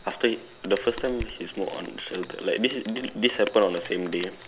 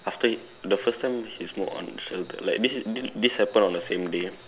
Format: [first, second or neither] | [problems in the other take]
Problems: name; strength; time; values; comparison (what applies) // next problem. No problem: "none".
second | background sound (Rain); 15 dB below the speech